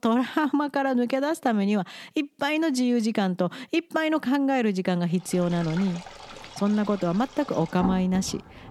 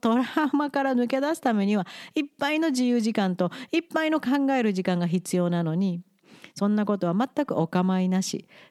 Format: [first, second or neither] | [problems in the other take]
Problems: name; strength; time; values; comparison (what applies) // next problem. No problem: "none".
second | rain or running water; noticeable; from 5.5 s on; 15 dB below the speech